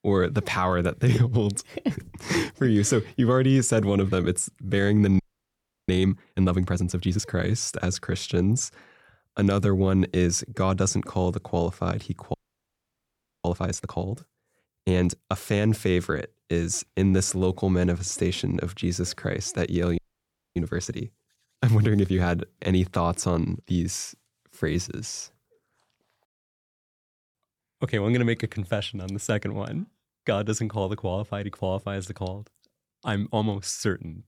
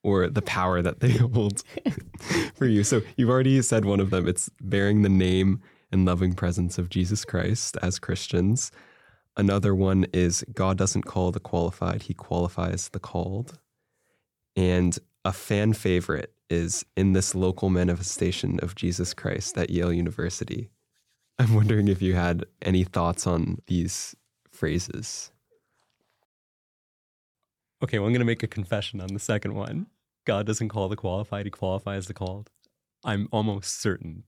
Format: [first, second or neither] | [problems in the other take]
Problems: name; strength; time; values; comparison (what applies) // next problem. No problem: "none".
second | audio freezing; at 5 s for 0.5 s, at 12 s for 1 s and at 20 s for 0.5 s